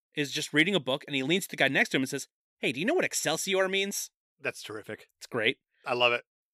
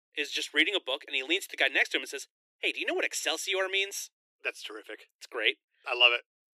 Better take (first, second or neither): first